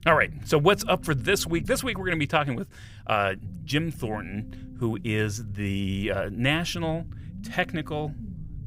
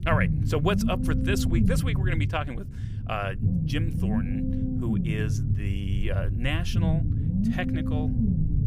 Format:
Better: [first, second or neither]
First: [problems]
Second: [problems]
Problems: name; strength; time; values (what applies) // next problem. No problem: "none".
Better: first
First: low rumble; faint; throughout; 25 dB below the speech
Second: low rumble; loud; throughout; 4 dB below the speech